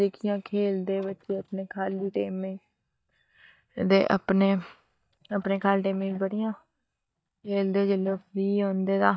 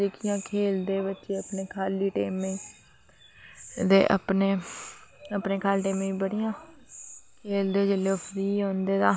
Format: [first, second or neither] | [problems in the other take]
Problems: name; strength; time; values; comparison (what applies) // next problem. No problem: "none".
second | noise reduction (neural mask model DeepFilterNet 3)